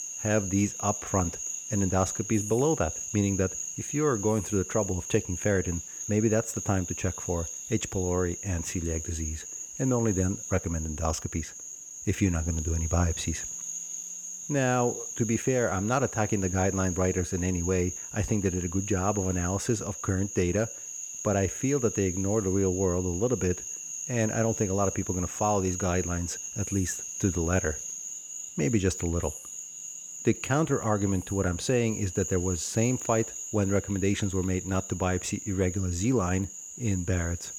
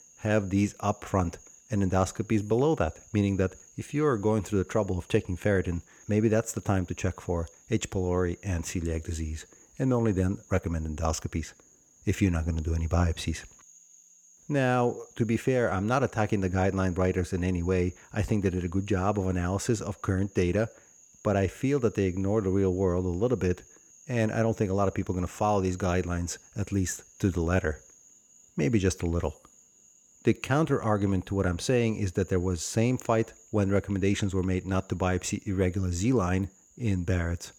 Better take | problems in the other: second | animal sounds; loud; throughout; 6 dB below the speech; faint in the second

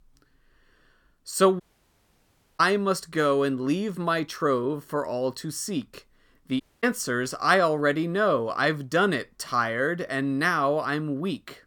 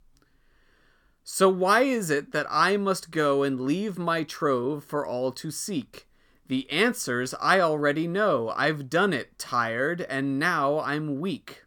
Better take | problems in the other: second | audio cutting out; at 1.5 s for 1 s and at 6.5 s

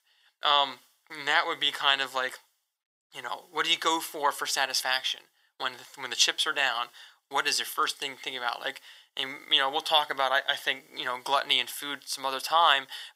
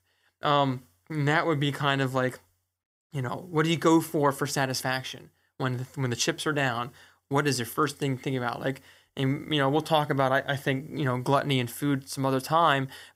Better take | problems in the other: second | thin; very; fading below 800 Hz

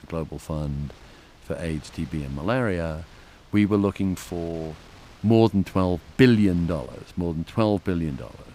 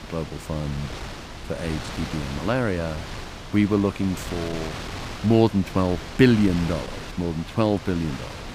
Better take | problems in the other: first | wind noise on the microphone; heavy; 8 dB below the speech; occasional gusts in the first

